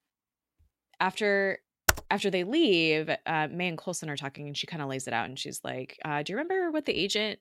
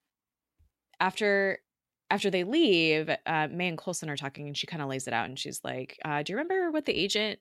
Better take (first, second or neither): second